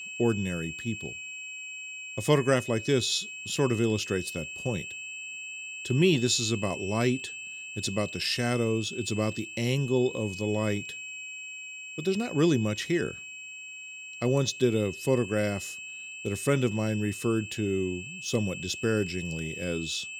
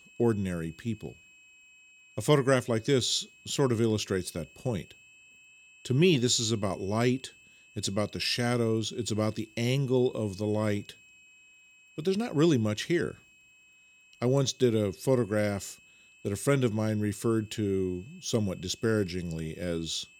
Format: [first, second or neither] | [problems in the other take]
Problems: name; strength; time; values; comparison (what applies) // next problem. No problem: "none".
second | high-pitched whine; loud; throughout; 2.5 kHz, 9 dB below the speech; faint in the second